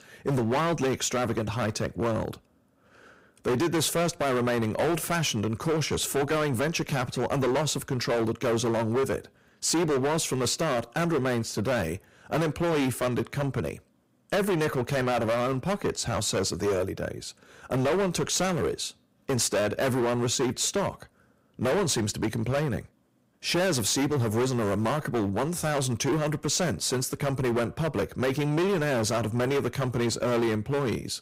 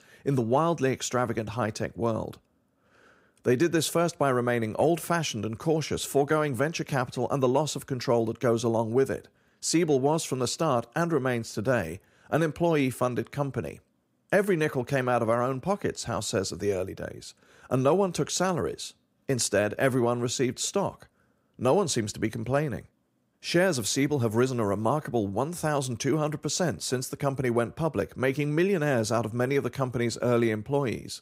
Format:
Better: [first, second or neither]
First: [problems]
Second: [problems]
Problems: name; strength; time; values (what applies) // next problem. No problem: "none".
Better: second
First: distortion; heavy; 18% of the sound clipped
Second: none